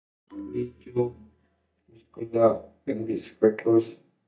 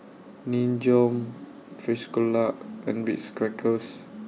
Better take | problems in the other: second | noise reduction (neural mask model DeepFilterNet 3)

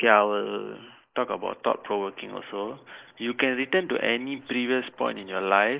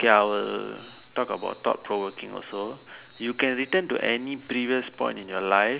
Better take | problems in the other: second | noise reduction (neural mask model Resemble Enhance denoiser)

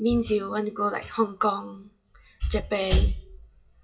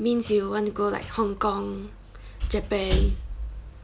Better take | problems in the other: second | noise reduction (classical method WPE with log-MMSE)

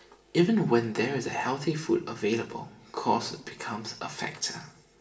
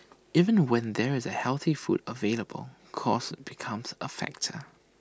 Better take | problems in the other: second | room echo; dies away in 0.7 s

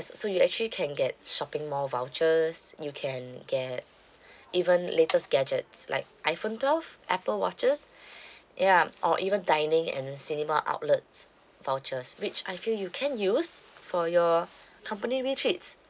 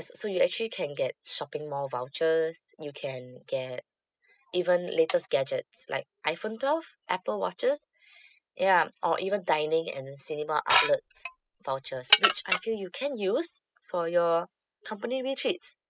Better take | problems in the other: first | noise reduction (classical method spectral subtraction)

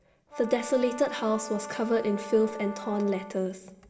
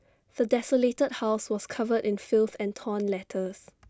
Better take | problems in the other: second | background sound (Brass instrument); 13 dB below the speech // room echo; dies away in 2.9 s

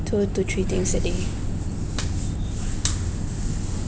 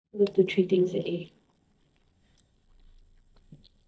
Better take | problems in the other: first | noise reduction (neural mask model DeepFilterNet 3)

